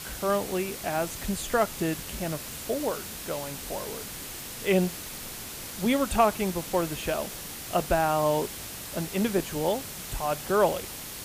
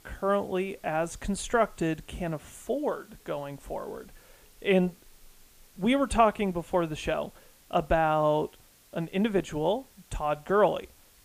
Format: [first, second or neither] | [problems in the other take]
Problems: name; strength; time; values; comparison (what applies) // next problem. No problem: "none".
second | hiss; loud; throughout; 8 dB below the speech; faint in the second